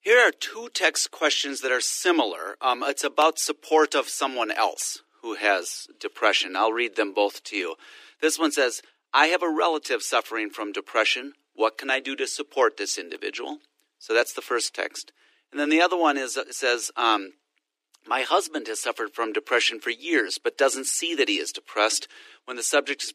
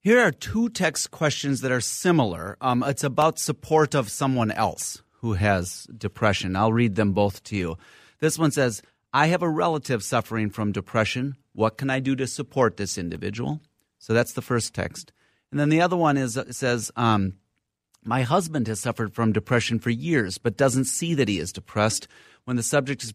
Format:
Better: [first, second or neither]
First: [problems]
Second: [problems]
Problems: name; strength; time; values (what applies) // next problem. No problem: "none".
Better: second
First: thin; very; fading below 300 Hz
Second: none